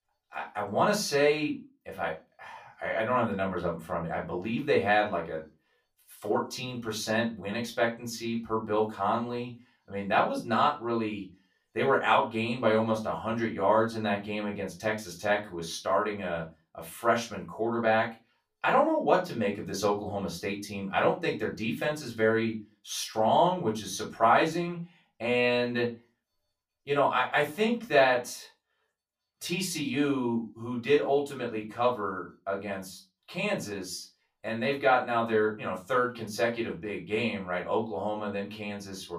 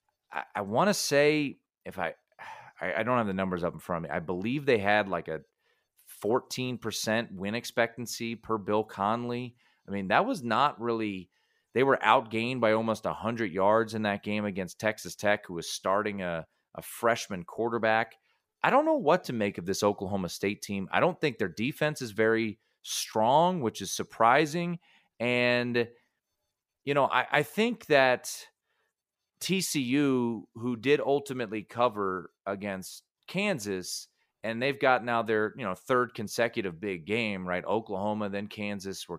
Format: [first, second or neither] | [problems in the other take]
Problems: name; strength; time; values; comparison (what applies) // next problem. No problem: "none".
second | off-mic speech; far // room echo; very slight; dies away in 0.2 s